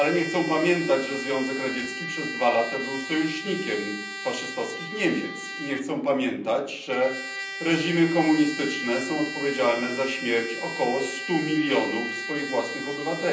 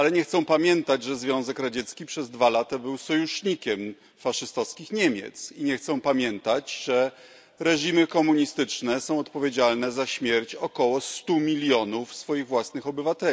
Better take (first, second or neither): second